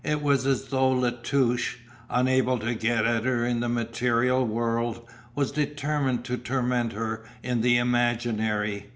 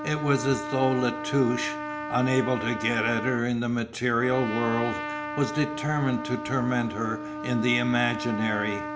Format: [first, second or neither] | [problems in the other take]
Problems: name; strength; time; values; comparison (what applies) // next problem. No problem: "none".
first | background sound (Trumpet); 7 dB below the speech